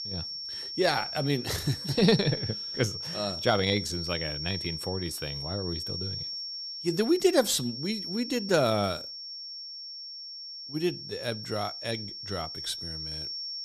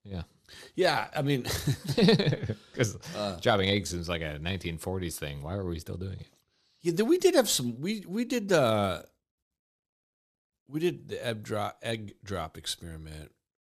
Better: second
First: high-pitched whine; loud; throughout; 5.5 kHz, 6 dB below the speech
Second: none

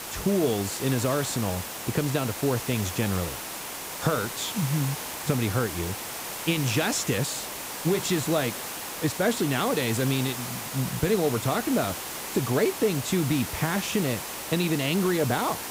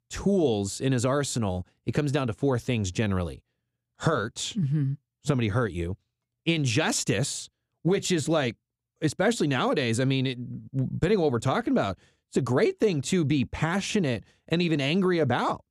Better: second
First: hiss; loud; throughout; 6 dB below the speech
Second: none

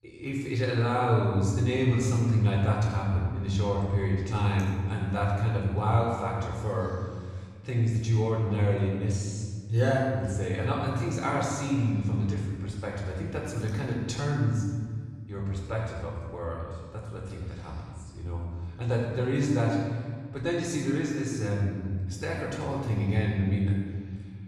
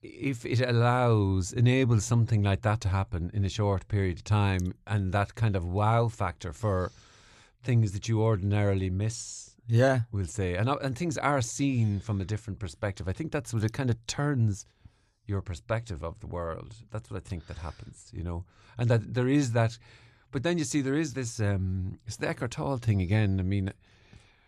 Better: second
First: room echo; noticeable; dies away in 1.6 s // off-mic speech; far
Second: none

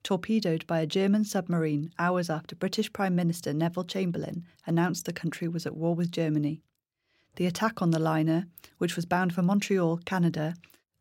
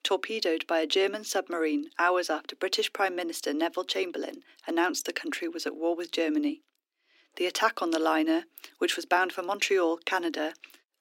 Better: first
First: none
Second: thin; somewhat; fading below 250 Hz

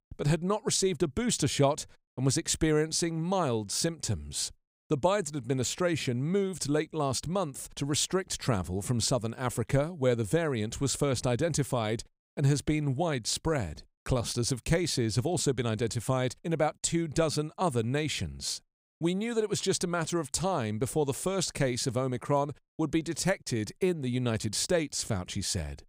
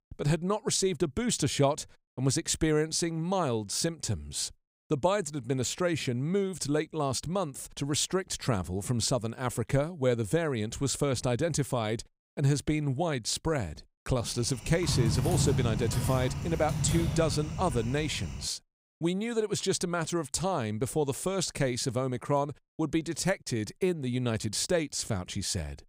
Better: first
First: none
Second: keyboard typing; loud; from 15 to 18 s; peak 1 dB above the speech

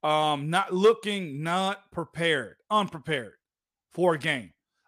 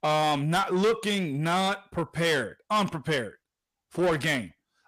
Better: first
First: none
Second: distortion; heavy; 7 dB below the speech

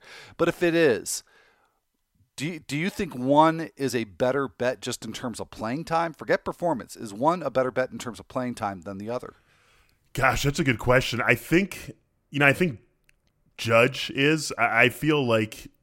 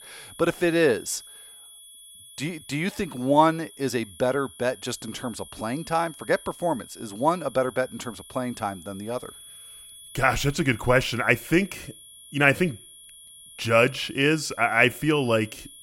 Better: first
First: none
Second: high-pitched whine; noticeable; throughout; 10 kHz, 20 dB below the speech

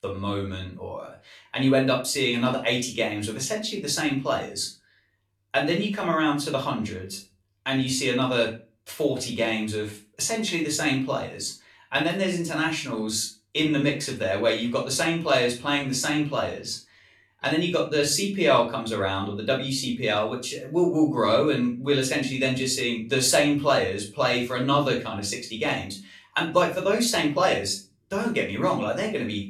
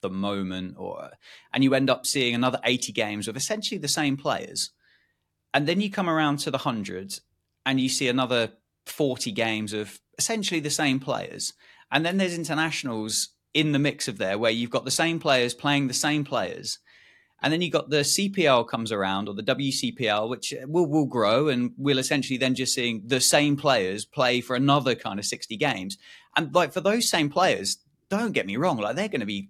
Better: second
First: off-mic speech; far // room echo; slight; dies away in 0.3 s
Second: none

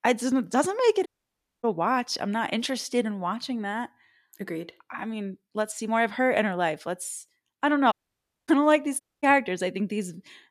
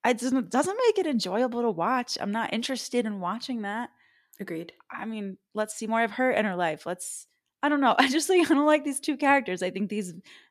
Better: second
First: audio cutting out; at 1 s for 0.5 s, at 8 s for 0.5 s and at 9 s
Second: none

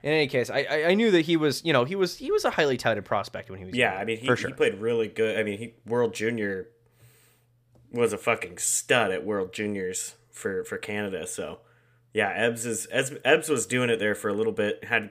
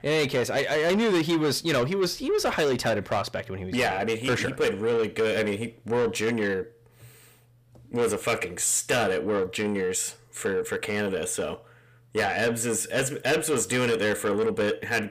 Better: first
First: none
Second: distortion; heavy; 7 dB below the speech

